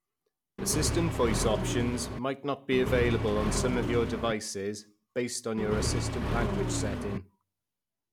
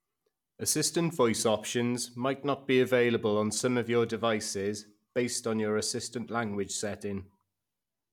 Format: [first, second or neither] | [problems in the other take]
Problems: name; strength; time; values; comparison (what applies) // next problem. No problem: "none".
second | background sound (Accelerating, revving, vroom); 1 dB above the speech